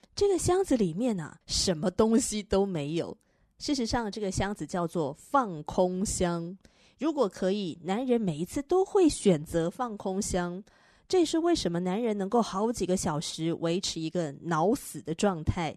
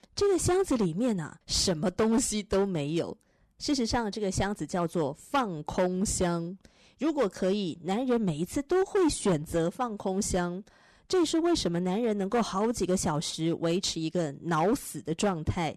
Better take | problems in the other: first | distortion; slight; 7% of the sound clipped

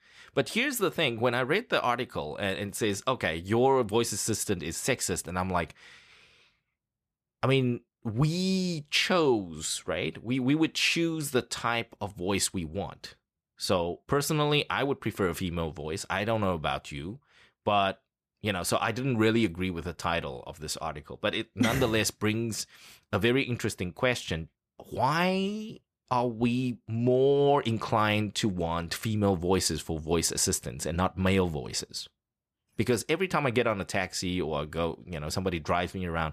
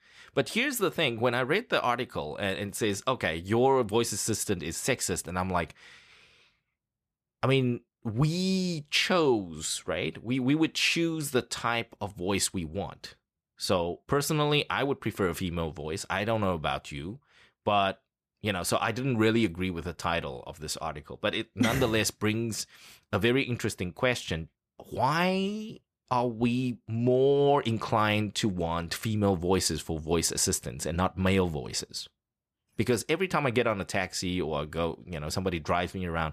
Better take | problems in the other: neither | none

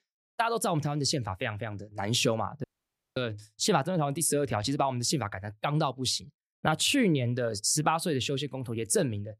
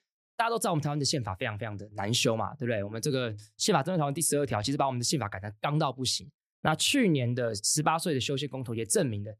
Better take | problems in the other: second | audio cutting out; at 2.5 s for 0.5 s

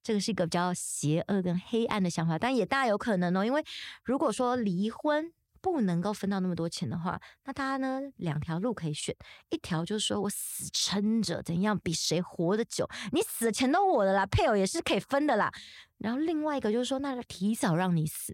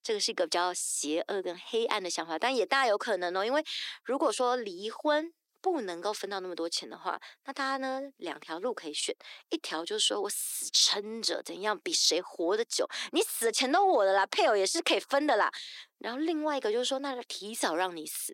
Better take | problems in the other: first | thin; somewhat; fading below 300 Hz

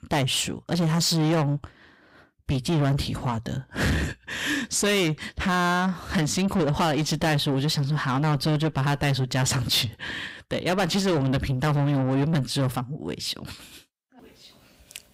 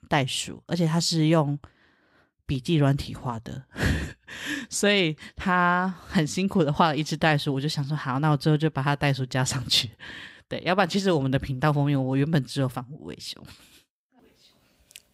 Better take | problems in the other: second | distortion; heavy; 7 dB below the speech

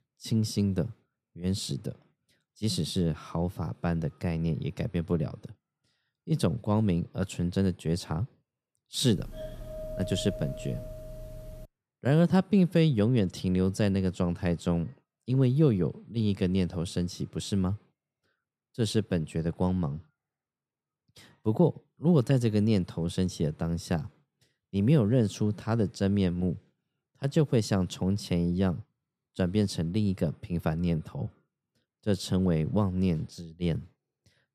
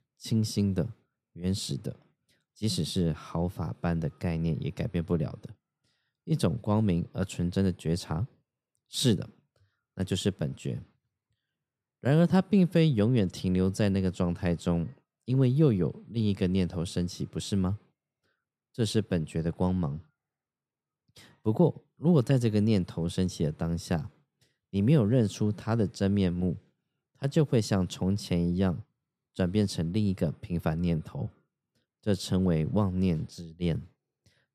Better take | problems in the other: second | doorbell; noticeable; from 9 to 12 s; peak 10 dB below the speech

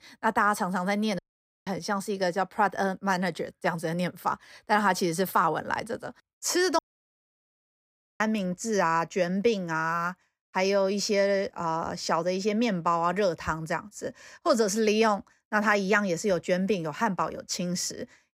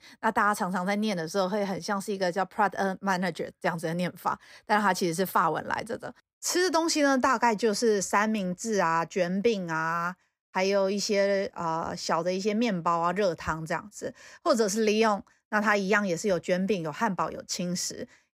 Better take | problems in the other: second | audio cutting out; at 1 s and at 7 s for 1.5 s

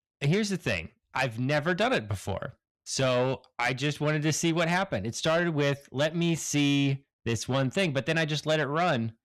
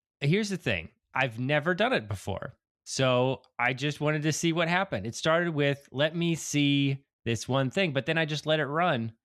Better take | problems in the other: second | distortion; slight; 10 dB below the speech

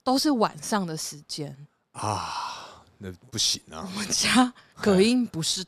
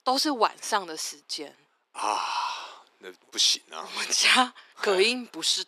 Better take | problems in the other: first | thin; somewhat; fading below 350 Hz

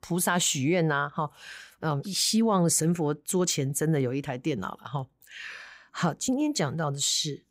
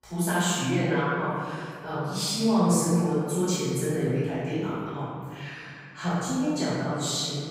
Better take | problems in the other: first | off-mic speech; far // room echo; strong; dies away in 2.1 s

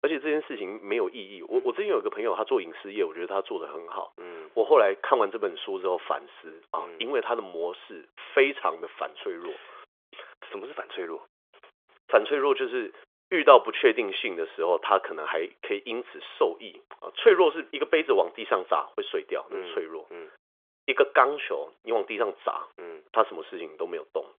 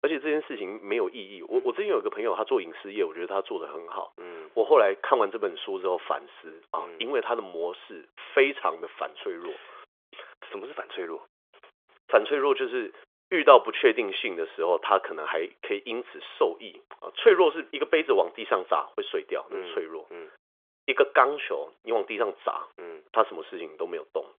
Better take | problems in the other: neither | phone-call audio; nothing above 3.5 kHz; the same in both

